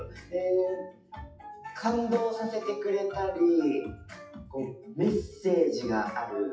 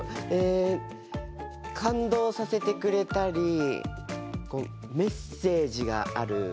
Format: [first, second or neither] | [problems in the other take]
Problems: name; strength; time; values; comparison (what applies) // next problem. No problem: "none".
second | noise reduction (classical method WPE with log-MMSE)